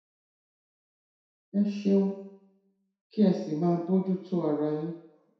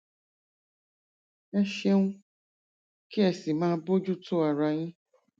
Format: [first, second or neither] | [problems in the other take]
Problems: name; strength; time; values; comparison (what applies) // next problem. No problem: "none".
second | room echo; dies away in 0.7 s